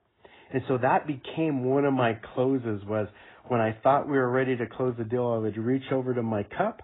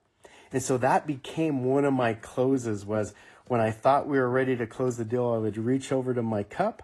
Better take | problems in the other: second | garbled, watery; badly; nothing above 3.5 kHz; slightly in the second

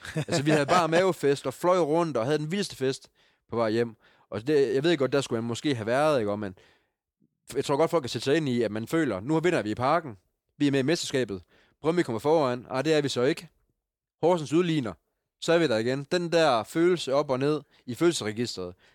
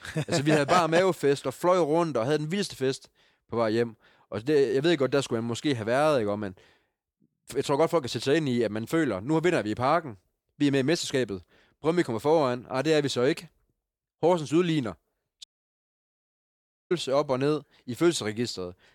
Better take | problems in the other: first | audio cutting out; at 15 s for 1.5 s

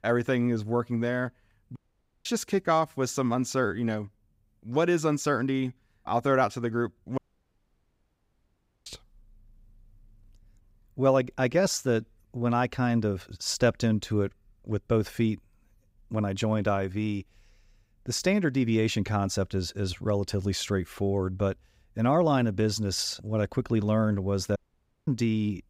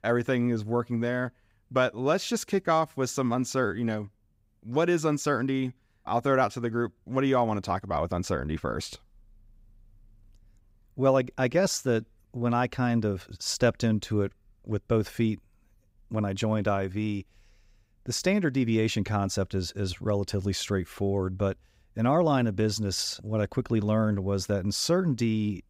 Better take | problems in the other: second | audio cutting out; at 2 s, at 7 s for 1.5 s and at 25 s for 0.5 s

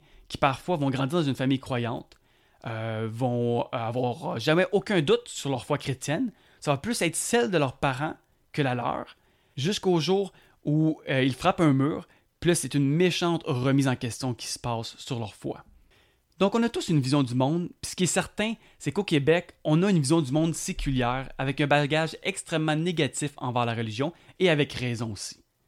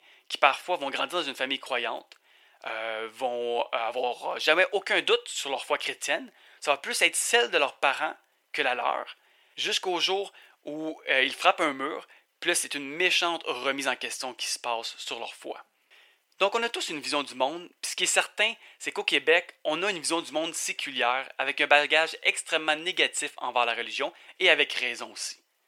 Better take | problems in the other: first | thin; very; fading below 500 Hz

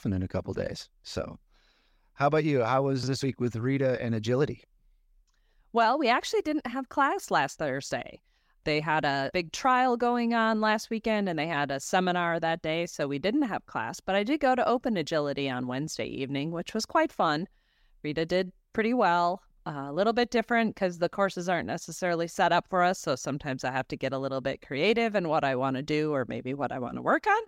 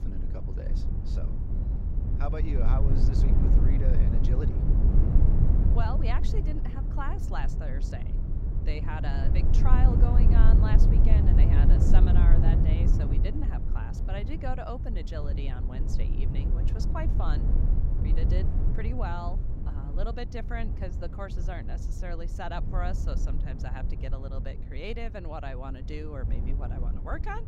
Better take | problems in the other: first | low rumble; loud; throughout; 2 dB below the speech

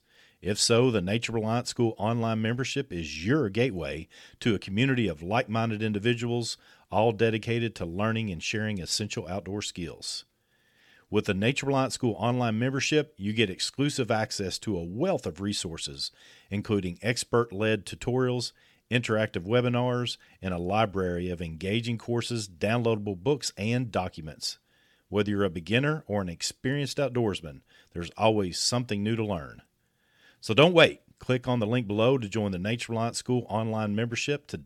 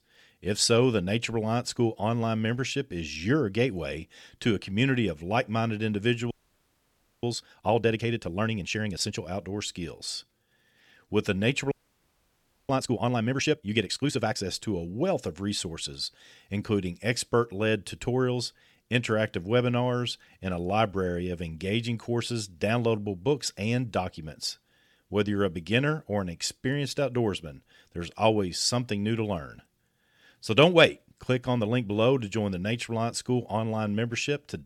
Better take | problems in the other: first | audio freezing; at 6.5 s for 1 s and at 12 s for 1 s

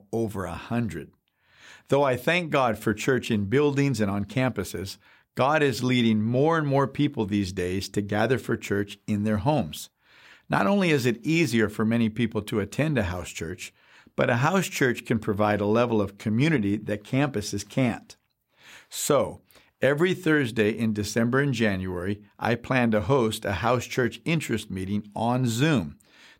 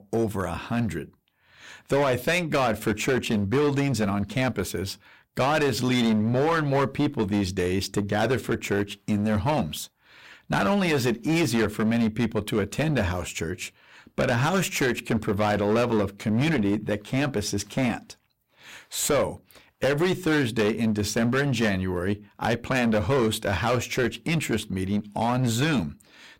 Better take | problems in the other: first | distortion; heavy; 14% of the sound clipped

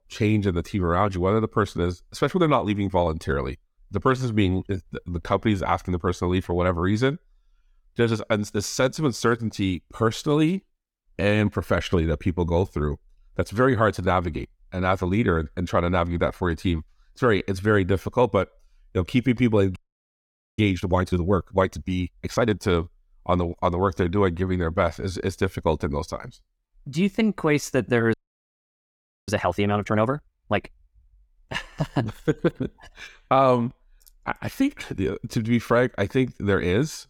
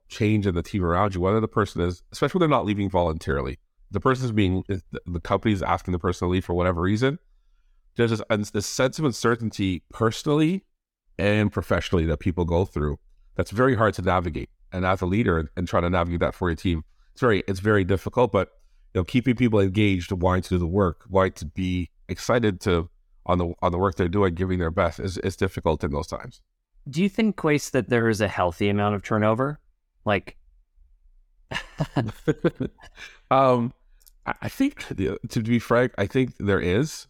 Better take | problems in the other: second | audio freezing; at 20 s for 1 s and at 28 s for 1 s

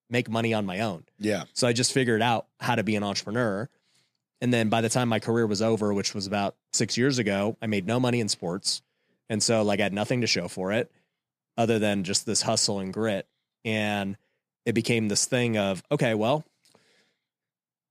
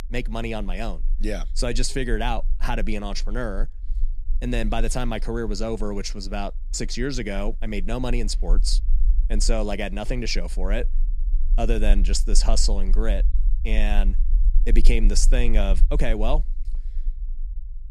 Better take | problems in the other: first | low rumble; faint; throughout; 25 dB below the speech

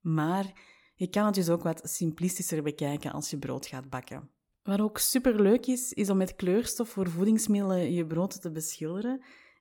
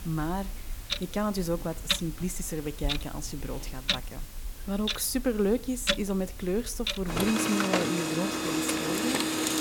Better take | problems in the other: first | household noises; very loud; throughout; 1 dB above the speech

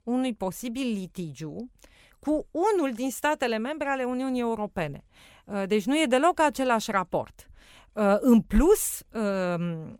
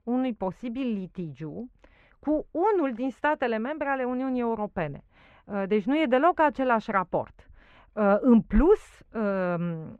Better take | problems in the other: first | muffled; very; fading above 2 kHz

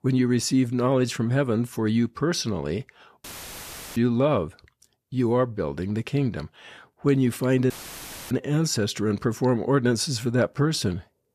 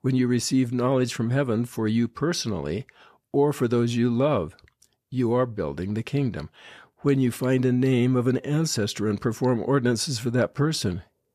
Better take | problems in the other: second | audio cutting out; filled with static; at 3 s for 0.5 s and at 7.5 s for 0.5 s

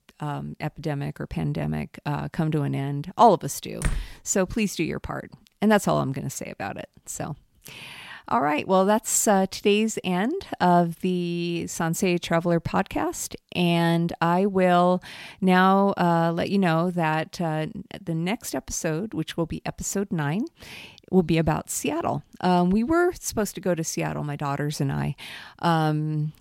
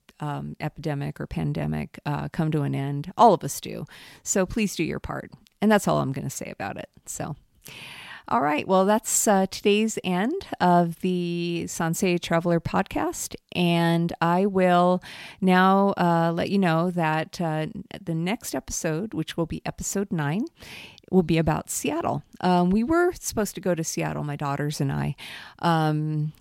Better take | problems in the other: second | door banging; noticeable; at 4 s; peak 7 dB below the speech

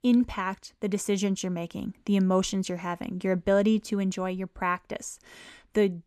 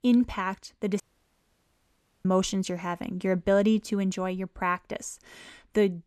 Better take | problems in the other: first | audio cutting out; at 1 s for 1.5 s

